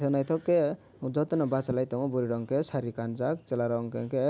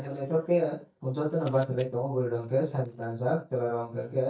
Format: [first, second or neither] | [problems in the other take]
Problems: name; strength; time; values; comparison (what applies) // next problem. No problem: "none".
first | noise reduction (neural mask model DeepFilterNet 3)